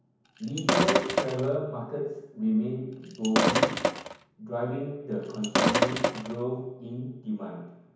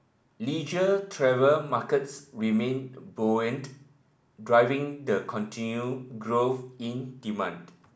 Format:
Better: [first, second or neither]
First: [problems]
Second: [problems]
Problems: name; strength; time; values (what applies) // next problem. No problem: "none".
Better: second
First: background sound (Sink (filling or washing)); 4 dB above the speech // room echo; dies away in 1 s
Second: none